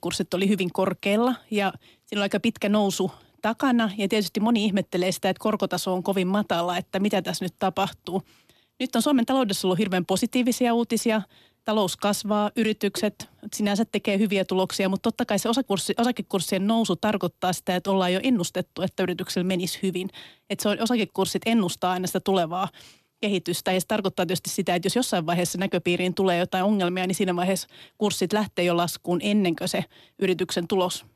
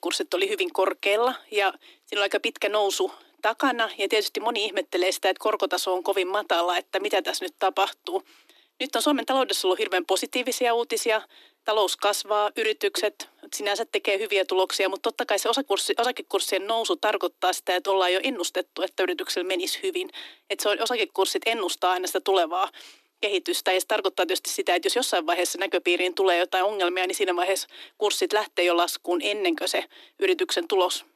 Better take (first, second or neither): first